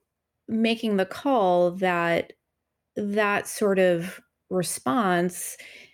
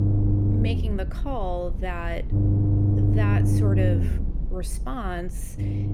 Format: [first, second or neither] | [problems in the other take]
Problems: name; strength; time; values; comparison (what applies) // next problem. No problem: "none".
first | low rumble; loud; throughout; as loud as the speech